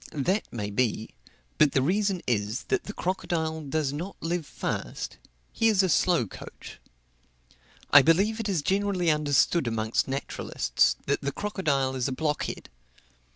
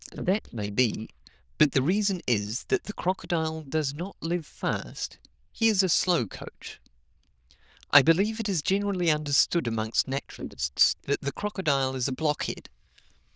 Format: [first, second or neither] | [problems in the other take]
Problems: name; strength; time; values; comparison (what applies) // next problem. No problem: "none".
first | noise reduction (neural diffusion model UNIVERSE++)